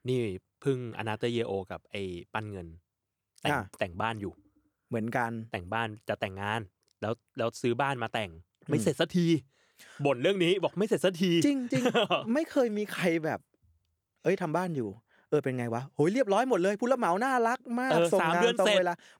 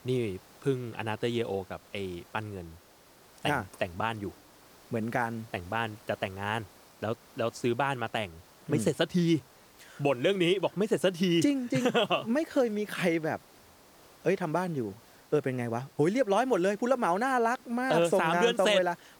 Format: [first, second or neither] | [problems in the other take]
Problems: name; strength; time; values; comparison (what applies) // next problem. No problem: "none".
first | hiss; faint; throughout; 25 dB below the speech